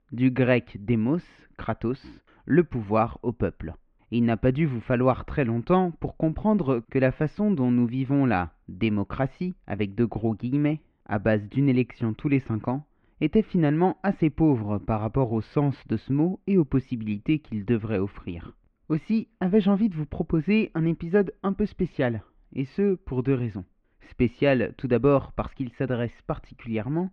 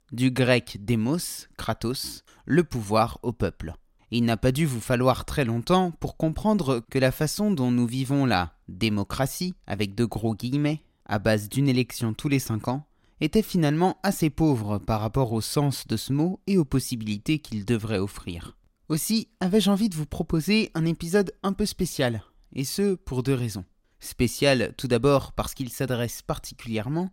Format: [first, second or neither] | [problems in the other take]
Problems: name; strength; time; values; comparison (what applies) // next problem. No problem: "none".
second | muffled; very; fading above 2.5 kHz